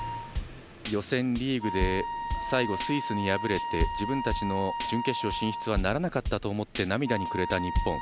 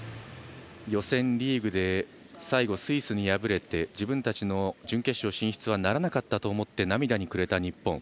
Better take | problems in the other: second | background sound (Drum / Drum kit + Wind instrument, woodwind instrument); 3 dB below the speech

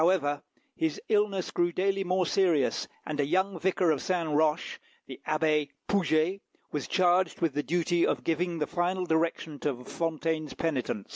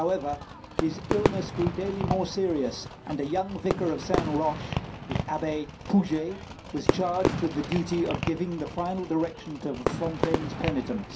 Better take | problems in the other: first | background sound (Fireworks); 3 dB below the speech // room echo; dies away in 0.3 s

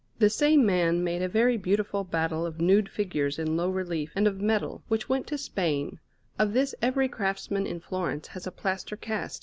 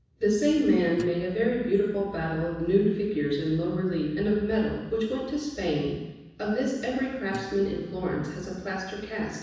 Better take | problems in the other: first | background sound (Guitar); 20 dB below the speech // room echo; dies away in 1.1 s

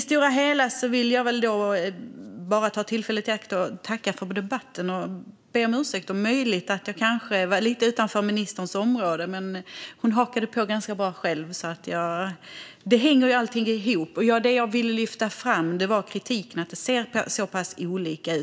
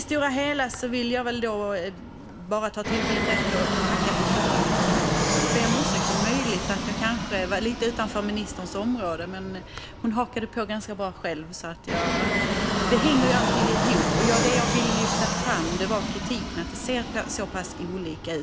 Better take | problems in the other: first | background sound (Fixed-wing aircraft, airplane); 1 dB above the speech

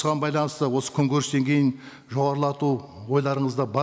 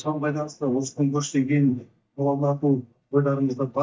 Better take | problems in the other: first | noise reduction (neural mask model DeepFilterNet 3)

